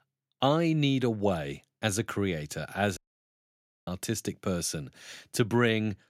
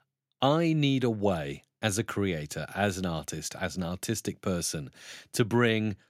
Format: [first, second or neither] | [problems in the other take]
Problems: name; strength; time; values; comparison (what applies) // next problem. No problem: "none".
second | audio cutting out; at 3 s for 1 s